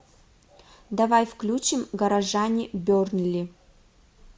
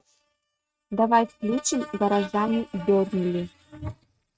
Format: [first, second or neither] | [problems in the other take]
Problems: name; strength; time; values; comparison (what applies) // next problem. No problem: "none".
first | noise reduction (neural mask model RNNoise)